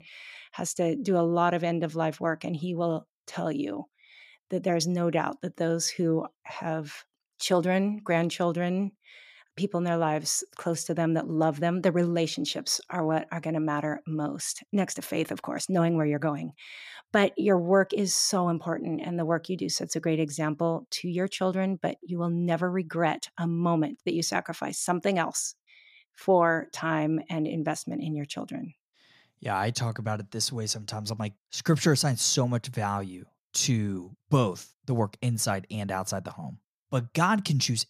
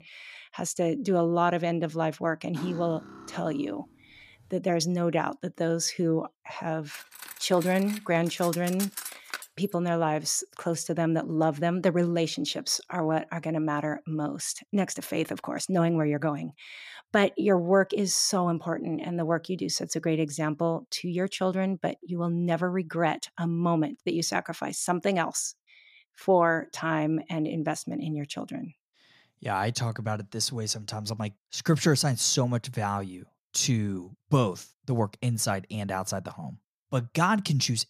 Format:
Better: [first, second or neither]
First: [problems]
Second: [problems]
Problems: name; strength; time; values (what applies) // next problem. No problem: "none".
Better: first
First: none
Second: clattering dishes; faint; from 2.5 to 4 s; peak 10 dB below the speech // clattering dishes; noticeable; from 7 to 9.5 s; peak 7 dB below the speech